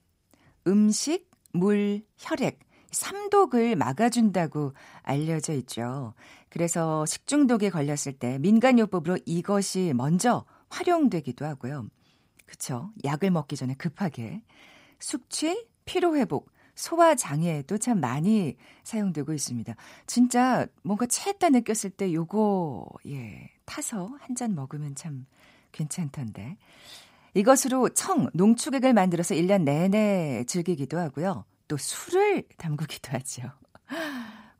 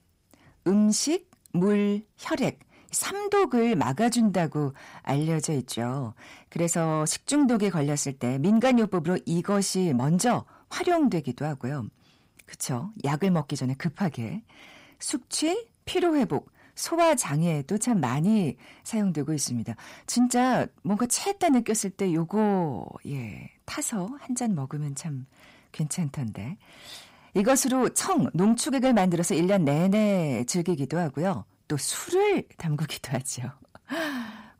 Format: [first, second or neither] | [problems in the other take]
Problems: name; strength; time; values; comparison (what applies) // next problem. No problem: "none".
first | distortion; slight; 10 dB below the speech